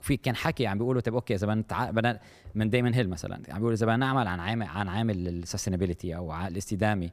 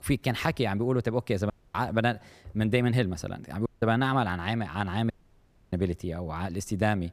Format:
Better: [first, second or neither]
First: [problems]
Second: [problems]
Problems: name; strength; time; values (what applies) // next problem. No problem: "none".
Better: first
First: none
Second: audio cutting out; at 1.5 s, at 3.5 s and at 5 s for 0.5 s